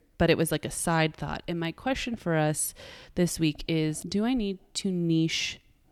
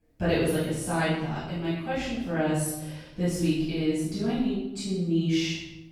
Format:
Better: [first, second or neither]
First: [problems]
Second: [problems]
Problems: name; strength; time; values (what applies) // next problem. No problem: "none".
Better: first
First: none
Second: off-mic speech; far // room echo; strong; dies away in 0.8 s